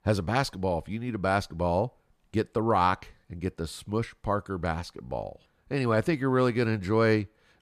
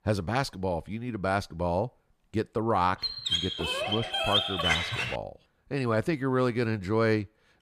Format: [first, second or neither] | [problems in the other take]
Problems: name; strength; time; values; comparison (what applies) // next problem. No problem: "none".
first | dog barking; loud; from 3 to 5 s; peak 5 dB above the speech